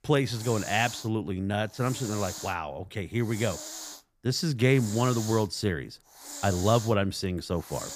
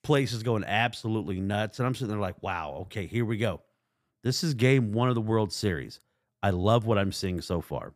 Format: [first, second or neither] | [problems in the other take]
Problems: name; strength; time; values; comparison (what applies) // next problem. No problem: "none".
second | hiss; noticeable; throughout; 10 dB below the speech